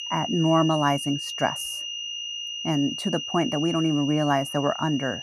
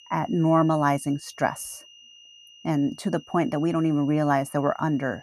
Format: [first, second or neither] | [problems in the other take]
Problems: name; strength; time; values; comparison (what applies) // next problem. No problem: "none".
second | high-pitched whine; loud; throughout; 3 kHz, 6 dB below the speech; faint in the second